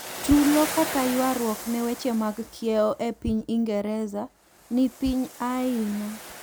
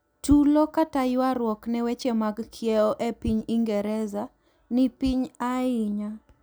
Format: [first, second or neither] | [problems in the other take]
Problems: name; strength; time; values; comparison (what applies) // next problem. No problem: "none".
second | background sound (Waves, surf); 12 dB below the speech